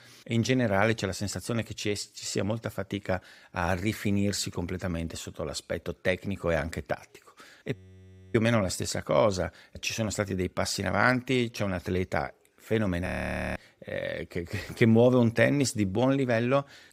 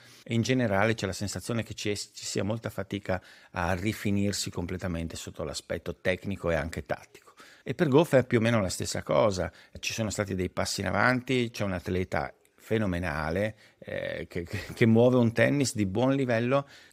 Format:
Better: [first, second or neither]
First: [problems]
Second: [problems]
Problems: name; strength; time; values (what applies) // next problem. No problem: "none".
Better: second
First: audio freezing; at 8 s for 0.5 s and at 13 s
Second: none